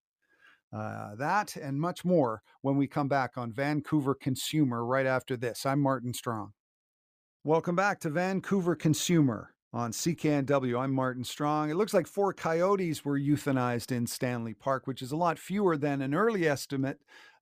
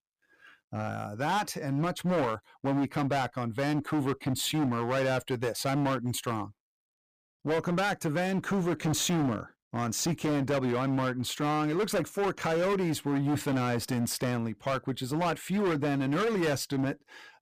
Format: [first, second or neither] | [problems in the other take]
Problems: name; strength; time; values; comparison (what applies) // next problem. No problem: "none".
first | distortion; heavy; 18% of the sound clipped